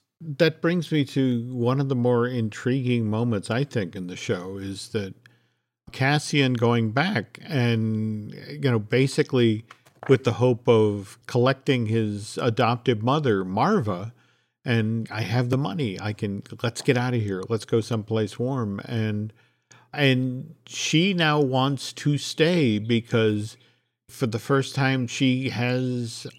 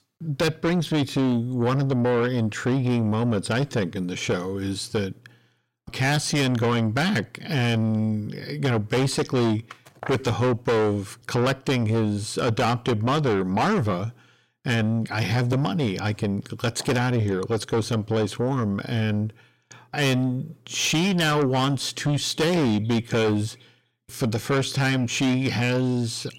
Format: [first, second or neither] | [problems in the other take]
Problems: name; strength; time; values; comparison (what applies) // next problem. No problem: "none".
first | distortion; heavy; 7 dB below the speech